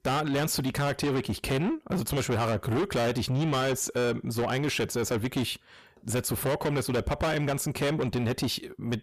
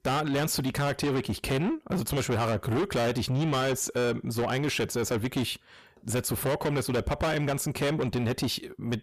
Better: neither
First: distortion; heavy; 6 dB below the speech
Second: distortion; heavy; 6 dB below the speech

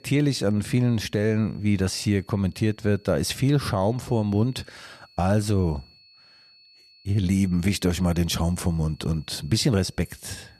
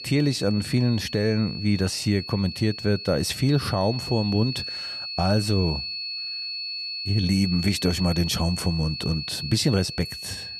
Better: first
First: high-pitched whine; faint; throughout; 4.5 kHz, 30 dB below the speech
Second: high-pitched whine; loud; throughout; 4.5 kHz, 7 dB below the speech

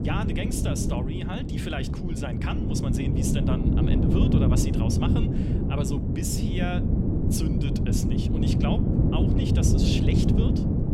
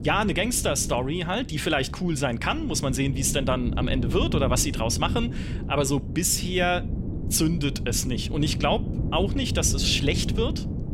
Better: second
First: wind noise on the microphone; heavy; 2 dB above the speech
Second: wind noise on the microphone; occasional gusts; 15 dB below the speech

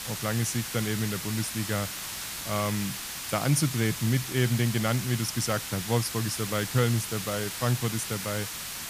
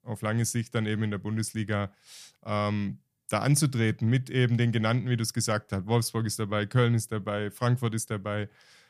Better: second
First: hiss; loud; throughout; 5 dB below the speech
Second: none

